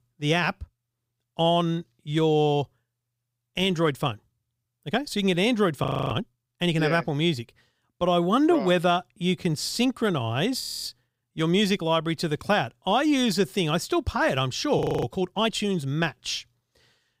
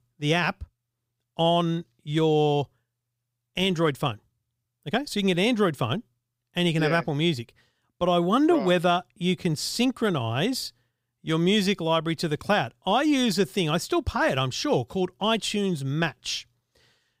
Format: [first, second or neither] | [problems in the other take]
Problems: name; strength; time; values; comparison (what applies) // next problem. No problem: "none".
second | audio freezing; at 6 s, at 11 s and at 15 s